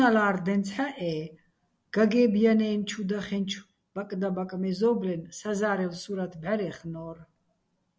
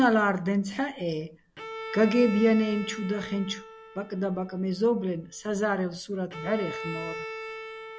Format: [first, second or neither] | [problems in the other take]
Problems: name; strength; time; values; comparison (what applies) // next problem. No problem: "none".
first | background sound (Bowed string instrument); 13 dB below the speech